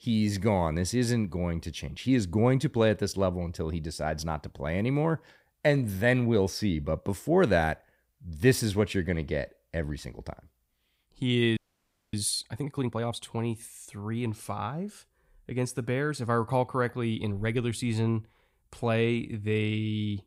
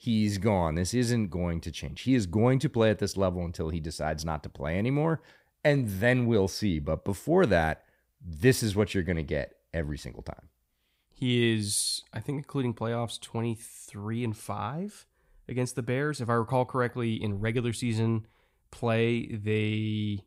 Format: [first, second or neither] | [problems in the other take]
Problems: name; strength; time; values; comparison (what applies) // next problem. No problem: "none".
second | audio freezing; at 12 s for 0.5 s